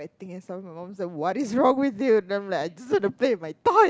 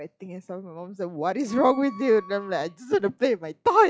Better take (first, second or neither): first